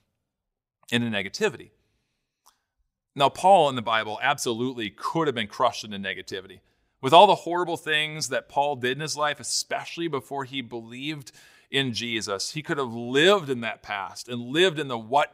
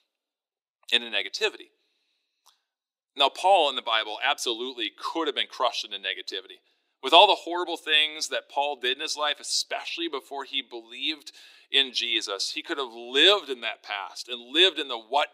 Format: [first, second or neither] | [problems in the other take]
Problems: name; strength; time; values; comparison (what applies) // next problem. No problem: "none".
first | thin; somewhat; fading below 300 Hz